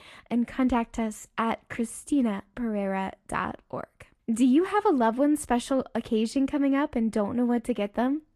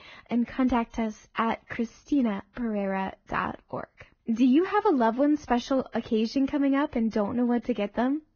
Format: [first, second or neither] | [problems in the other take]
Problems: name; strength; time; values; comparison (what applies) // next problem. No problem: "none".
first | garbled, watery; badly; nothing above 6.5 kHz; slightly in the first